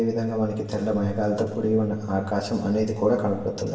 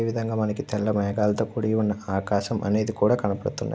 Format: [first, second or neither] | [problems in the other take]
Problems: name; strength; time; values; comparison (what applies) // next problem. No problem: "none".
second | room echo; dies away in 1.2 s